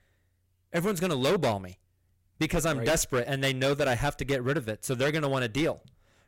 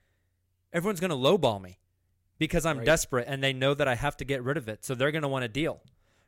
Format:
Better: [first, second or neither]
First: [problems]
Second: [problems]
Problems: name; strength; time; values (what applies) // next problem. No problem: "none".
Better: second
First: distortion; heavy; 9% of the sound clipped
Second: none